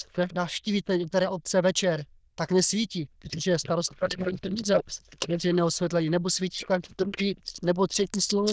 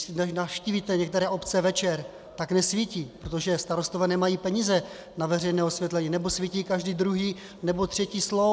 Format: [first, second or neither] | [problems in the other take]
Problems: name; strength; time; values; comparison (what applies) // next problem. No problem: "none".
second | noise reduction (neural diffusion model UNIVERSE++)